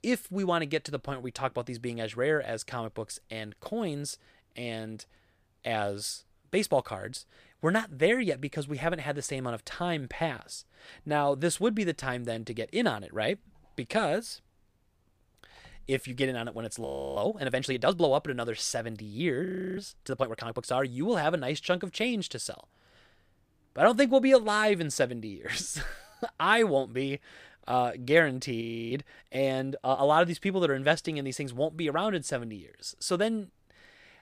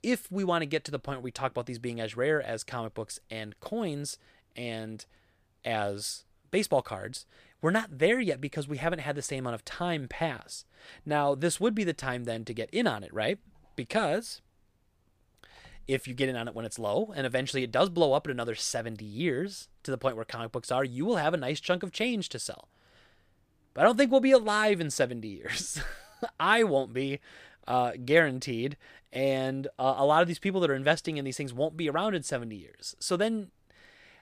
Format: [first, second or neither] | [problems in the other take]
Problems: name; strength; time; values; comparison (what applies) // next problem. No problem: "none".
second | audio freezing; at 17 s, at 19 s and at 29 s